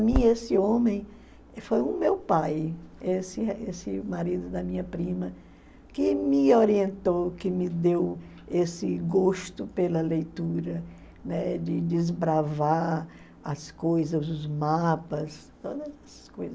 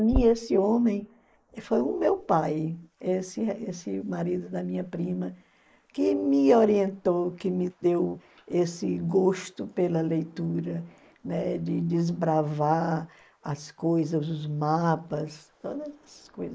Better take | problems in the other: first | noise reduction (neural mask model Resemble Enhance denoiser)

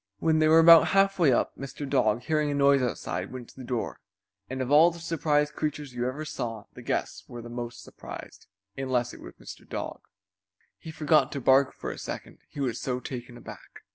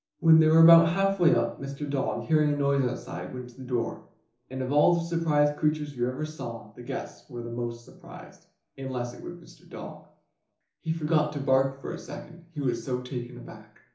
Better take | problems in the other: first | room echo; dies away in 0.7 s

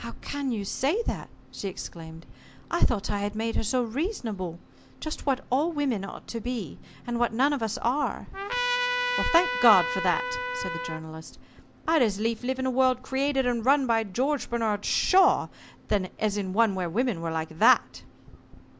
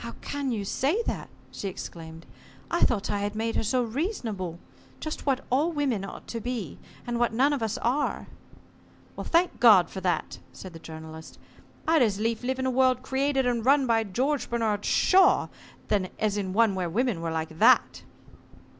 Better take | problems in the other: second | background sound (Trumpet); 3 dB below the speech

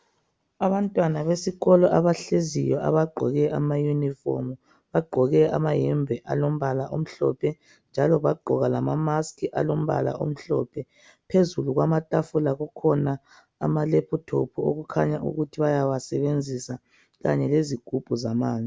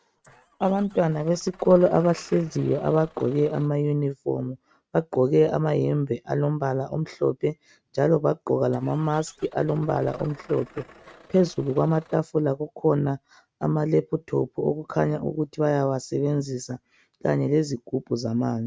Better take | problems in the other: first | noise reduction (neural mask model RNNoise)

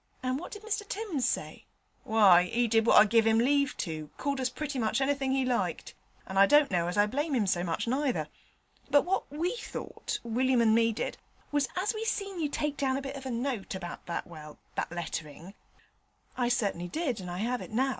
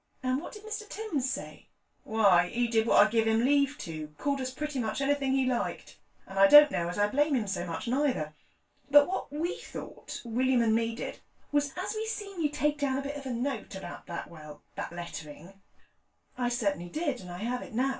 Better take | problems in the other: first | room echo; dies away in 0.2 s

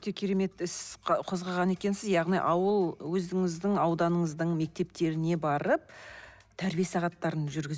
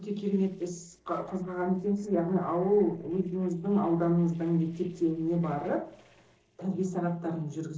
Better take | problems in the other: first | noise reduction (neural separator model SepFormer DNS4)

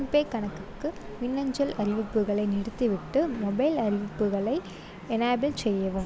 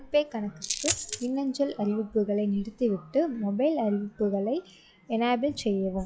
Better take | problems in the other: first | noise reduction (classical method log-MMSE)

